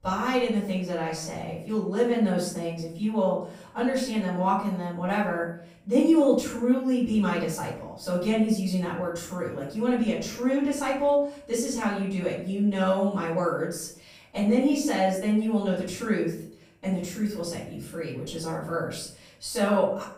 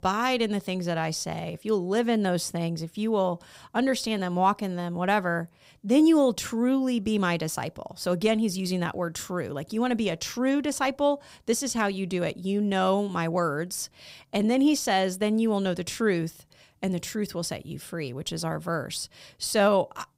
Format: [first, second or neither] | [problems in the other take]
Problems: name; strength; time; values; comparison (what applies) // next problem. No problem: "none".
second | off-mic speech; far // room echo; noticeable; dies away in 0.5 s